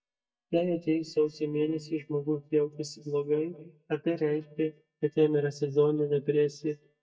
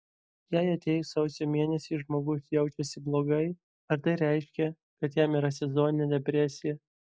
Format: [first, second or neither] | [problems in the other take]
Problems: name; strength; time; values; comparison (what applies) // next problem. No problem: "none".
second | noise reduction (neural mask model DeepFilterNet 3)